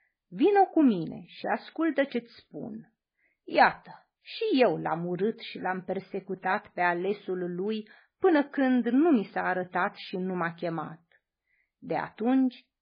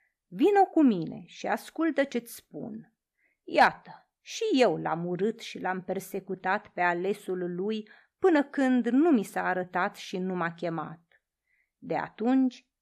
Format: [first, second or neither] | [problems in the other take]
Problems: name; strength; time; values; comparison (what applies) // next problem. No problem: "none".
second | garbled, watery; badly; nothing above 5 kHz